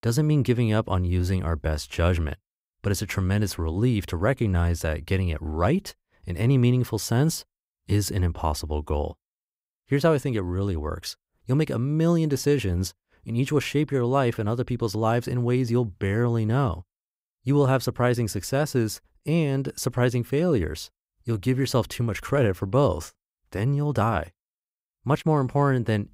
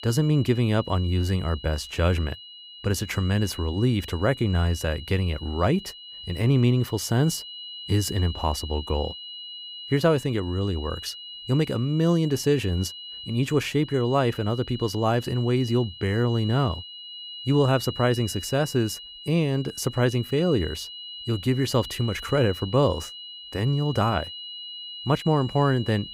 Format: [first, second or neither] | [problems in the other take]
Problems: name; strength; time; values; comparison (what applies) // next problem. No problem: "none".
first | high-pitched whine; noticeable; throughout; 3 kHz, 15 dB below the speech